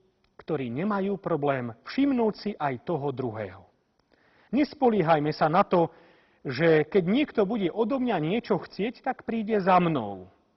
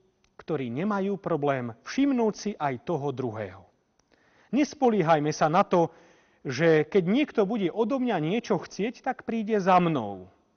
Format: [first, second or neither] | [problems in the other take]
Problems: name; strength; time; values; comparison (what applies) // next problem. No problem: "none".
second | garbled, watery; badly; nothing above 5.5 kHz; slightly in the second